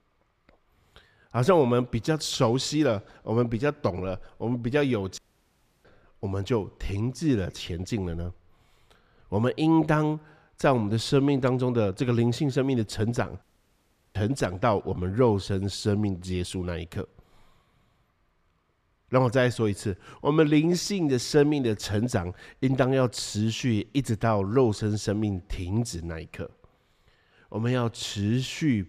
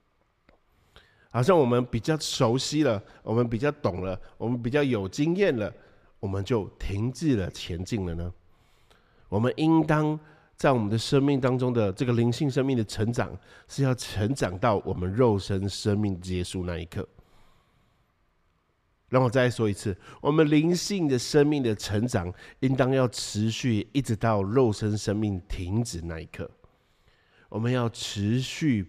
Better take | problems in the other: second | audio cutting out; at 5 s for 0.5 s and at 13 s for 0.5 s

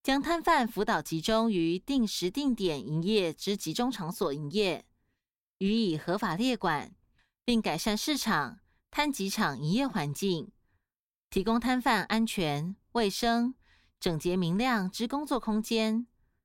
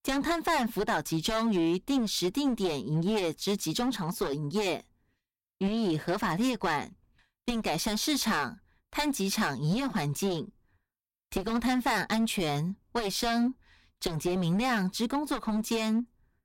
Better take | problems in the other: first | distortion; heavy; 13% of the sound clipped

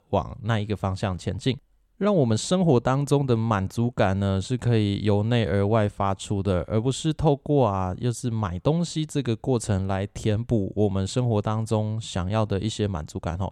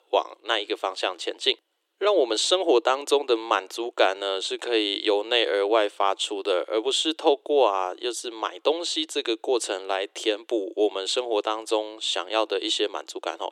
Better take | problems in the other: first | thin; very; fading below 300 Hz

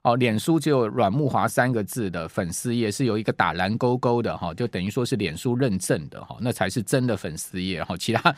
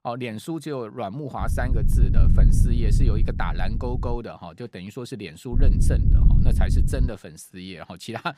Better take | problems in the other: first | low rumble; loud; from 1.5 to 4 s and from 5.5 to 7 s; 4 dB below the speech

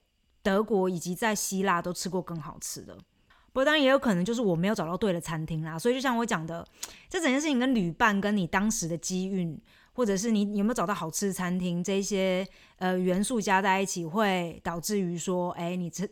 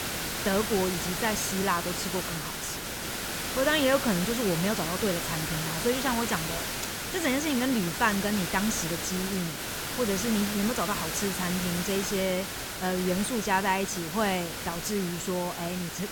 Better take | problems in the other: first | hiss; loud; throughout; 2 dB below the speech

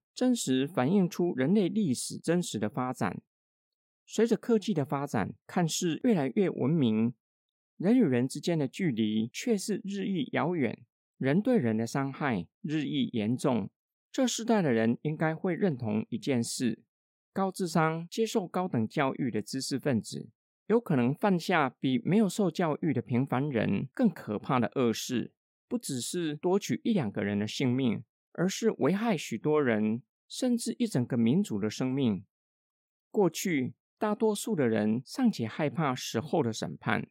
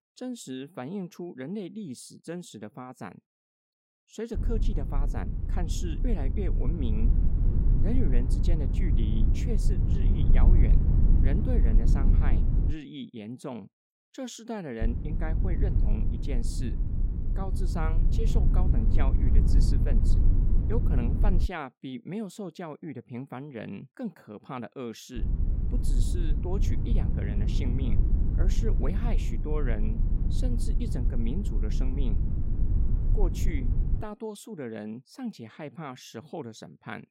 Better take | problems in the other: first | low rumble; loud; from 4.5 to 13 s, from 15 to 21 s and from 25 to 34 s; 3 dB below the speech

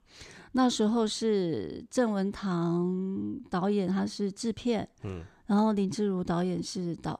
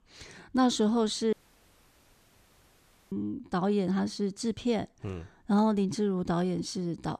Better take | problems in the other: first | audio cutting out; at 1.5 s for 2 s

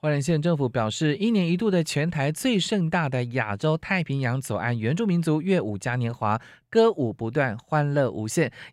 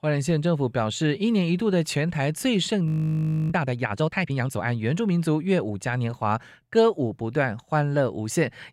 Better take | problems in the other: first | audio freezing; at 3 s for 0.5 s

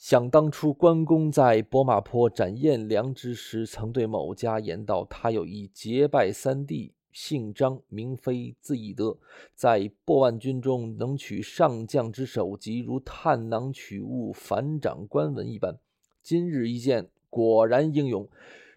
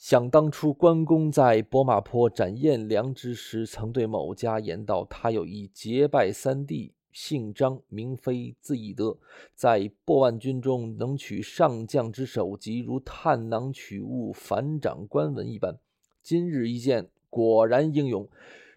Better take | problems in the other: neither | none

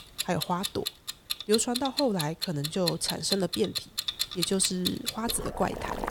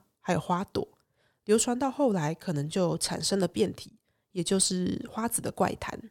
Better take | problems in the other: second | household noises; loud; throughout; 3 dB below the speech

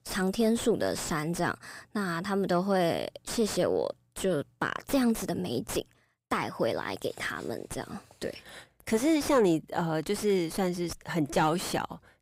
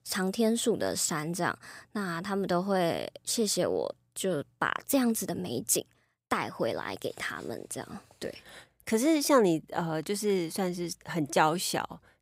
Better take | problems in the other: second | distortion; slight; 8 dB below the speech

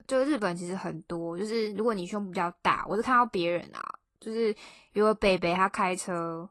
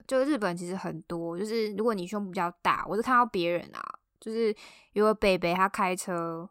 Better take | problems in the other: second | garbled, watery; slightly

